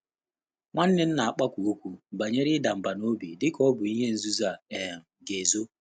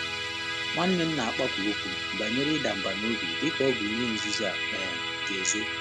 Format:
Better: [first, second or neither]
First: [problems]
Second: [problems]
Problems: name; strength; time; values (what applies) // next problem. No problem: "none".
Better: first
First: none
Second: background sound (Musical instrument); as loud as the speech